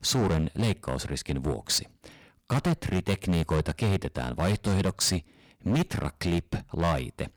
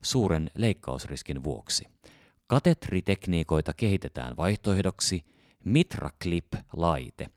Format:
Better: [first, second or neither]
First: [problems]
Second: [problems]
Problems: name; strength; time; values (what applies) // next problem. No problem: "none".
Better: second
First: distortion; heavy; 12% of the sound clipped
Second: none